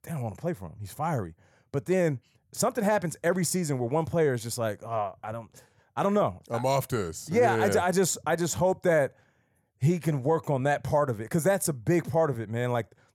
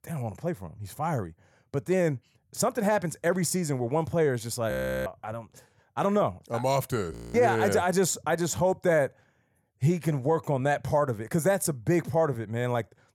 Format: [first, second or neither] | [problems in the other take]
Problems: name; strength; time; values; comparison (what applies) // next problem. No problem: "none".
first | audio freezing; at 4.5 s and at 7 s